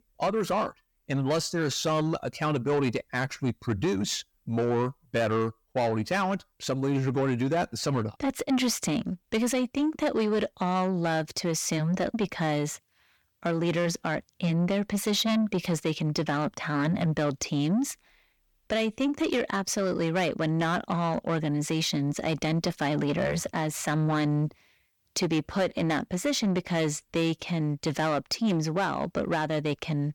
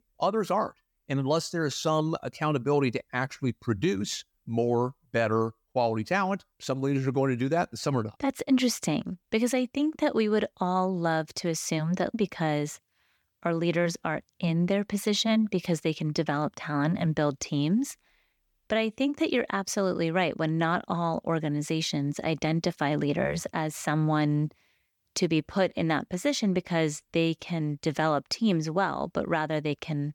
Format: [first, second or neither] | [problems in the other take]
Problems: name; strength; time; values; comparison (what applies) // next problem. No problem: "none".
second | distortion; slight; 10 dB below the speech